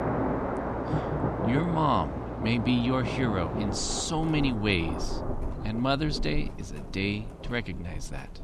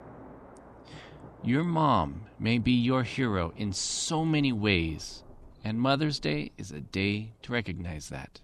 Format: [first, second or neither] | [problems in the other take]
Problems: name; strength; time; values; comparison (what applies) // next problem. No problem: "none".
second | rain or running water; loud; throughout; 5 dB below the speech; faint in the second